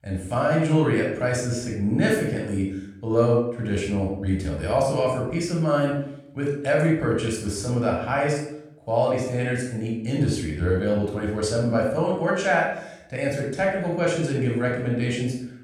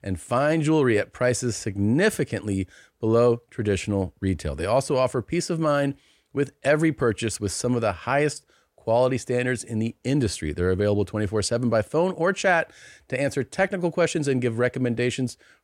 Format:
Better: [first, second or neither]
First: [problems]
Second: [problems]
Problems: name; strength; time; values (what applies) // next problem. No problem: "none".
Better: second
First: off-mic speech; far // room echo; noticeable; dies away in 0.6 s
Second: none